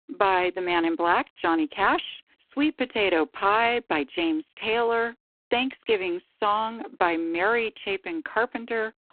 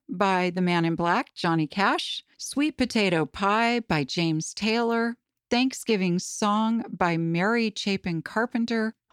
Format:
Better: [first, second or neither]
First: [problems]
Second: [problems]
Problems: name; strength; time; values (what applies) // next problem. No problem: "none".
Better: second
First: phone-call audio; poor line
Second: none